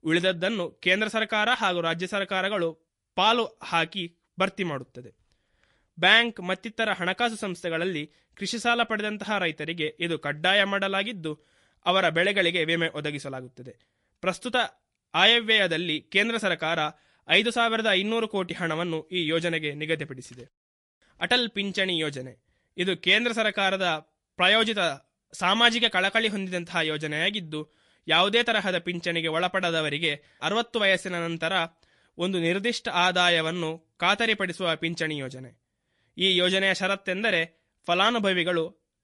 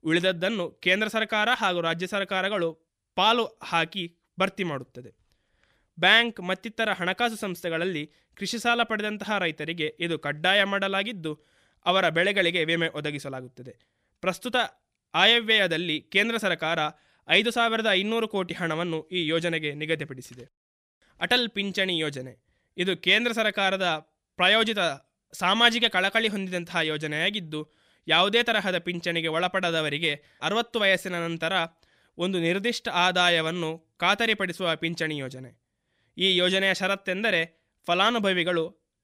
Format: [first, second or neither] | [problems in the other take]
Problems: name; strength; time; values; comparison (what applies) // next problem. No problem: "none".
second | garbled, watery; slightly